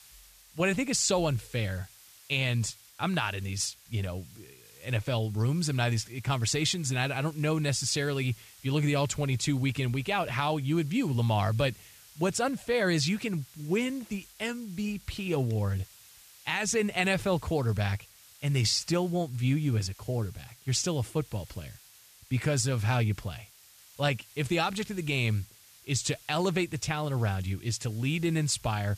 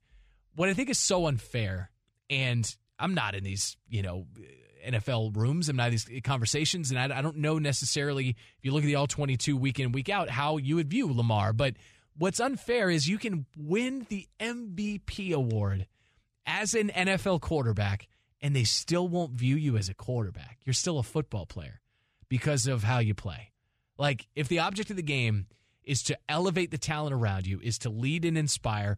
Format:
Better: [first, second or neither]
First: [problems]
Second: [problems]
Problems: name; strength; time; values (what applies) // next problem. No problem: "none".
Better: second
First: hiss; faint; throughout; 25 dB below the speech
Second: none